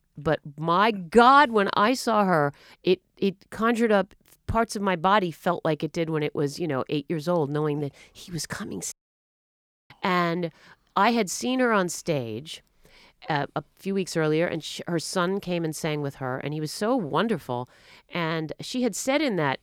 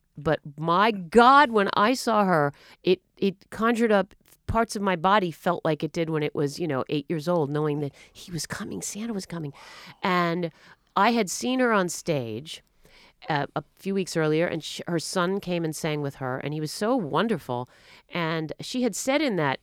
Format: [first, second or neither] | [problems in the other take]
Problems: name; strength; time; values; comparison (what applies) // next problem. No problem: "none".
second | audio cutting out; at 9 s for 1 s